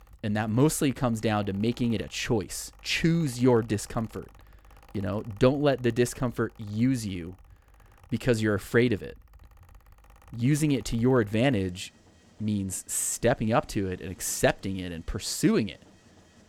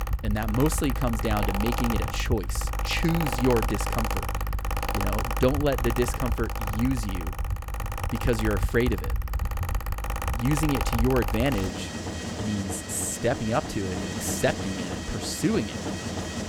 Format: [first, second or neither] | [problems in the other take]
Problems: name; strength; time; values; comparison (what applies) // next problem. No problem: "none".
first | machinery noise; loud; throughout; 2 dB below the speech; faint in the first